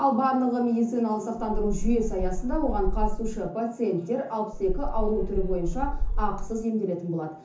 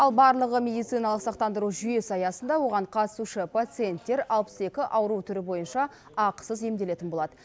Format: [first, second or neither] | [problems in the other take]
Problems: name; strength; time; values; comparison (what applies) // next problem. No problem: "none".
second | background sound (Meow); as loud as the speech // room echo; dies away in 0.6 s